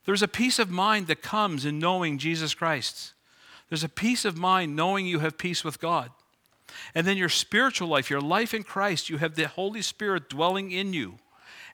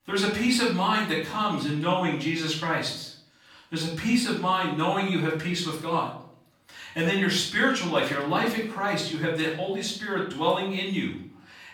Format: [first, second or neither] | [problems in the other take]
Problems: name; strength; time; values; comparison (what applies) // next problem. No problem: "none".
first | off-mic speech; far // room echo; noticeable; dies away in 0.5 s